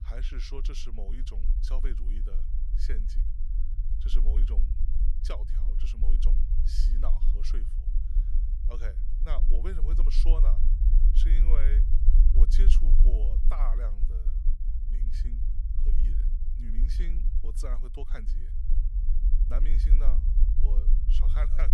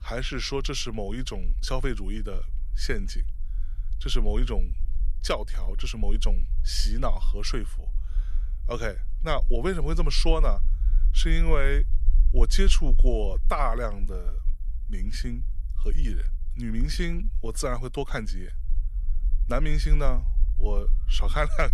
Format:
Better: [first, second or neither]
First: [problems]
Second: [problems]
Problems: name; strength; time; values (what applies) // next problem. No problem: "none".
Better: second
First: low rumble; loud; throughout; 6 dB below the speech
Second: low rumble; faint; throughout; 25 dB below the speech